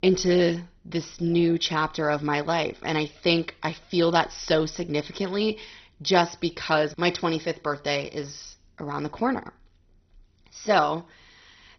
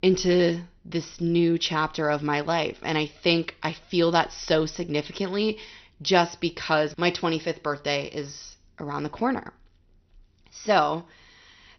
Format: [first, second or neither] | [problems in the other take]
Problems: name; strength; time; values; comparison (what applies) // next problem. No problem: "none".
second | garbled, watery; badly; nothing above 6 kHz; slightly in the second